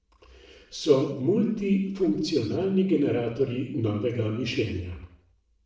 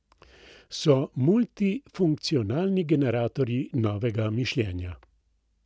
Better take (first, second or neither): second